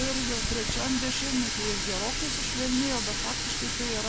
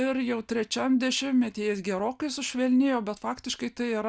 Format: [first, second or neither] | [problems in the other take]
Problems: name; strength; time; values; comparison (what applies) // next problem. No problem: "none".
second | background sound (Water tap, faucet); 3 dB above the speech